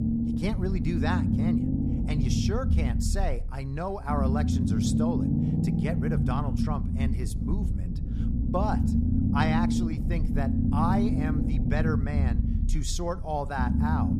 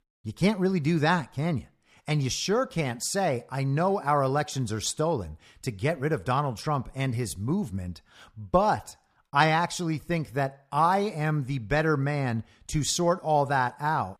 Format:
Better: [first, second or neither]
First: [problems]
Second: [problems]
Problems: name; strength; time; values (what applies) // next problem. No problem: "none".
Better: second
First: low rumble; loud; throughout; 2 dB below the speech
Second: none